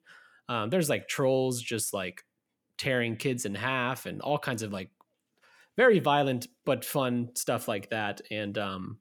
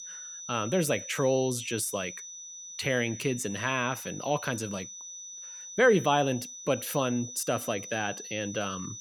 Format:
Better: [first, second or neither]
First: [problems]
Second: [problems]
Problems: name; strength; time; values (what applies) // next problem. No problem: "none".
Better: first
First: none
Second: high-pitched whine; noticeable; throughout; 6 kHz, 10 dB below the speech